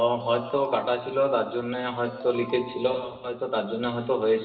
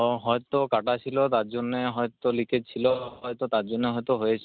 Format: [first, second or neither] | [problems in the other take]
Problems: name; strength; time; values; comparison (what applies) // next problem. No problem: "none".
second | background sound (Ringtone); 17 dB below the speech // room echo; dies away in 1.1 s